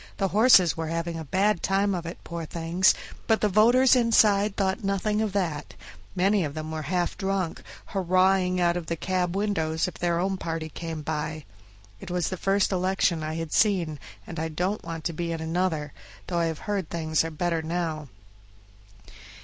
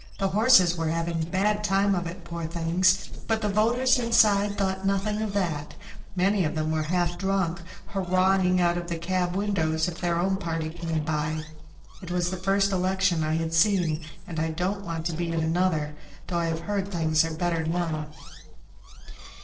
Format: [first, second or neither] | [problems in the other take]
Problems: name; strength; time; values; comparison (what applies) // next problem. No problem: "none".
first | noise reduction (neural separator model SepFormer DNS4)